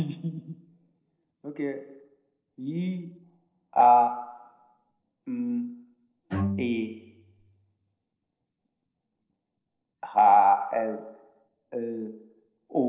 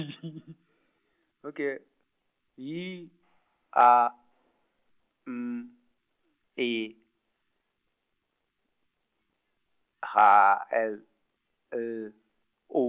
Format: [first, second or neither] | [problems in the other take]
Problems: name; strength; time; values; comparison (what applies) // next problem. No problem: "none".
second | noise reduction (neural separator model SepFormer DNS4)